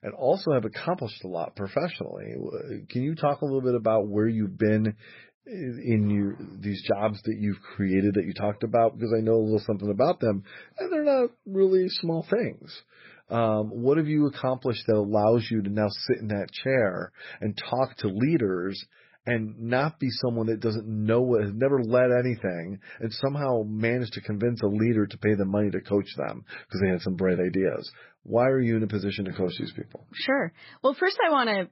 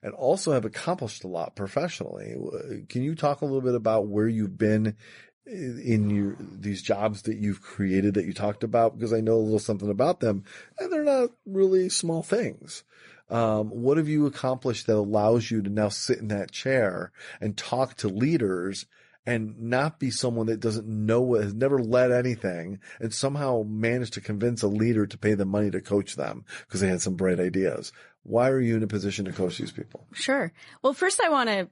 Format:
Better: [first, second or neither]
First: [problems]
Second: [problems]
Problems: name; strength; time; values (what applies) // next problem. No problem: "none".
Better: second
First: garbled, watery; badly; nothing above 5.5 kHz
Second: garbled, watery; slightly; nothing above 10.5 kHz